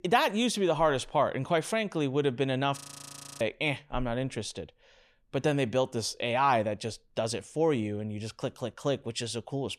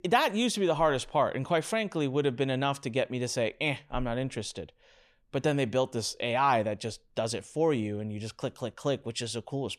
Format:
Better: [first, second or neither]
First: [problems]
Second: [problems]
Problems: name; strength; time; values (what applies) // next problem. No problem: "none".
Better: second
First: audio freezing; at 3 s for 0.5 s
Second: none